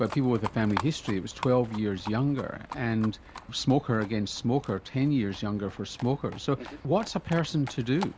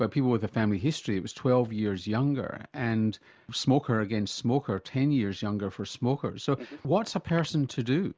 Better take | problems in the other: second | background sound (Livestock, farm animals, working animals); 15 dB below the speech

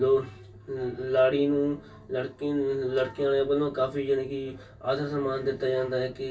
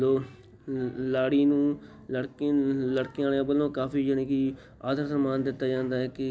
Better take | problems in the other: second | room echo; dies away in 0.2 s

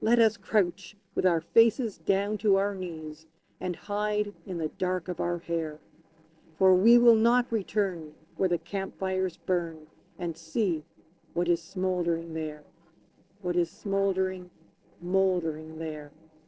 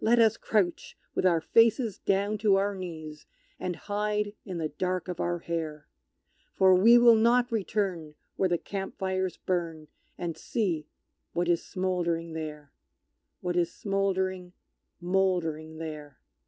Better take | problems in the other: second | noise reduction (neural separator model SepFormer DNS4)

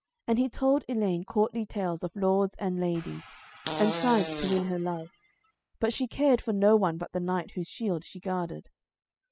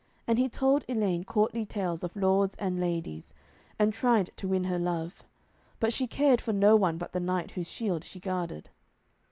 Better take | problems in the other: second | noise reduction (classical method spectral subtraction)

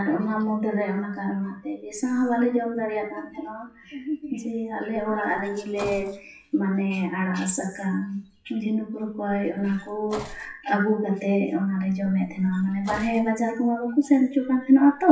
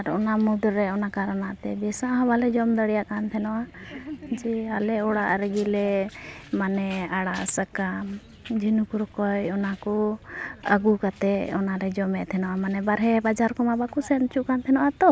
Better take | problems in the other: second | noise reduction (classical method WPE with log-MMSE)

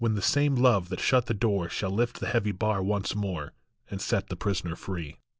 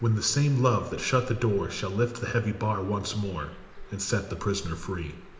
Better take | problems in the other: first | background sound (Bird); 18 dB below the speech // room echo; dies away in 0.8 s

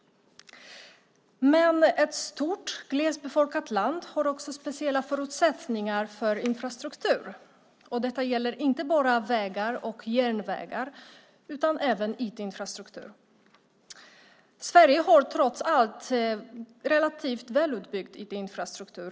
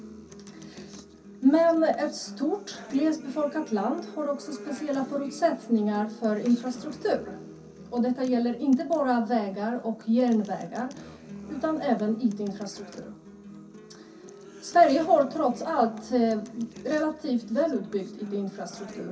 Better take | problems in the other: first | background sound (Acoustic guitar); 16 dB below the speech // room echo; dies away in 0.3 s

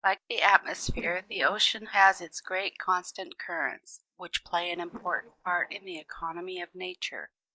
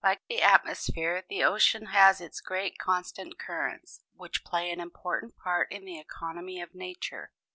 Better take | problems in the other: second | noise reduction (neural mask model DeepFilterNet 3)

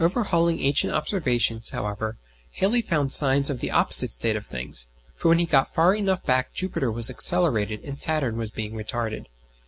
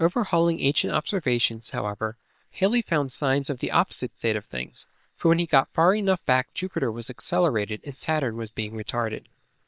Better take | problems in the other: first | noise reduction (neural separator model SepFormer WHAM!)

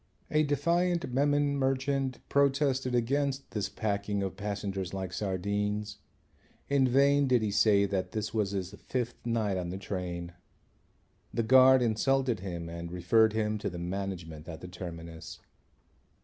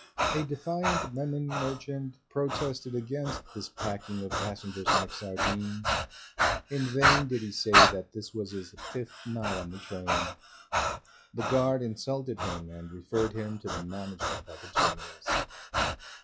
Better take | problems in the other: first | noise reduction (classical method log-MMSE)

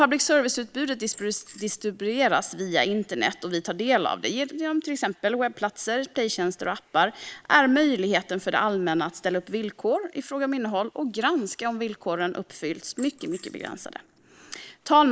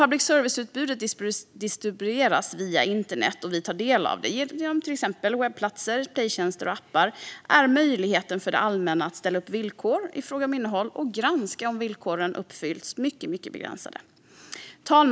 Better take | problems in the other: second | noise reduction (neural mask model Resemble Enhance denoiser)

